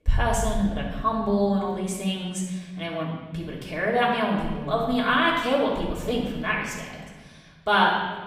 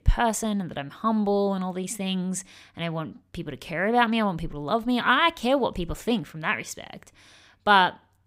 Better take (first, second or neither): second